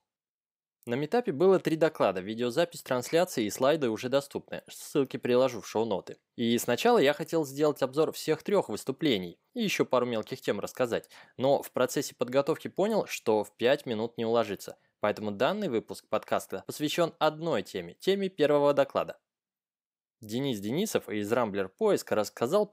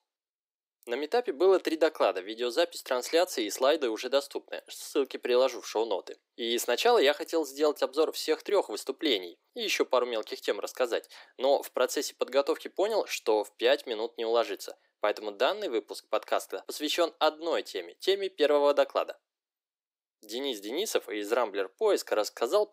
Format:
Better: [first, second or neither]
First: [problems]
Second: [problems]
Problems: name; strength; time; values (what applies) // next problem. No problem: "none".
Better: first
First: none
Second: thin; somewhat; fading below 300 Hz